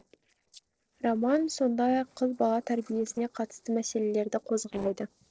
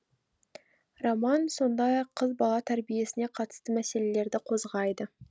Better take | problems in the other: second | noise reduction (neural separator model SepFormer DNS4)

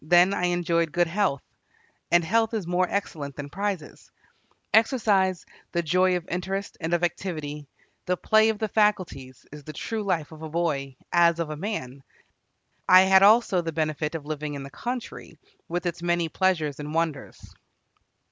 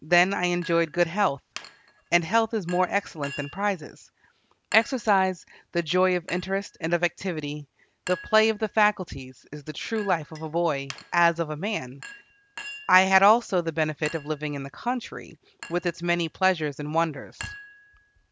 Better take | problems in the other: first | background sound (Chink, clink); 20 dB below the speech

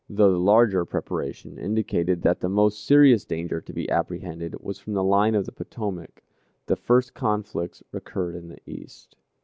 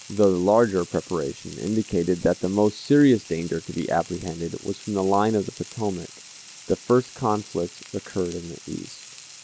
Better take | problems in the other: first | background sound (Frying (food)); 19 dB below the speech

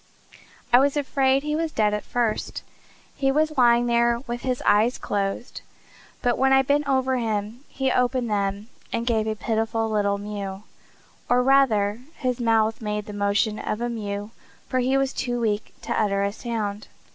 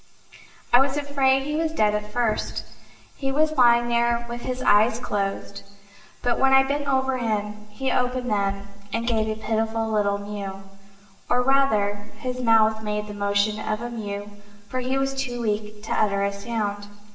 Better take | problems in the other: first | room echo; dies away in 1 s

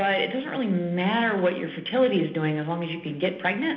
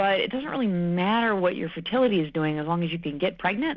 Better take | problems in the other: second | room echo; dies away in 0.8 s

